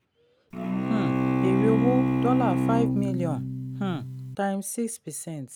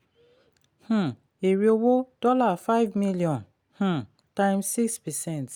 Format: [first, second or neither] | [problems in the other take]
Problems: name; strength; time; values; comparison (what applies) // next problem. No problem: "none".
second | background sound (Bowed string instrument); 4 dB above the speech